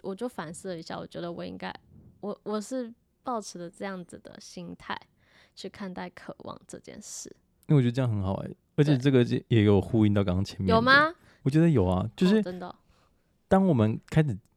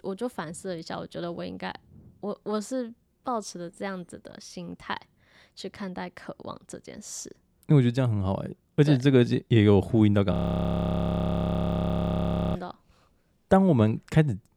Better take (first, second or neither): first